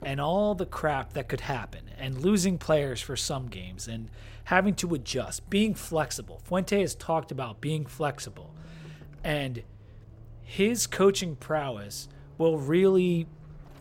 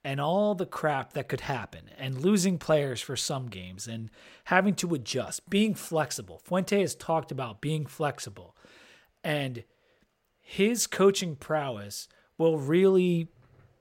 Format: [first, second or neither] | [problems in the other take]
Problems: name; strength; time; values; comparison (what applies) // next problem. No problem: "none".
second | traffic noise; faint; throughout; 20 dB below the speech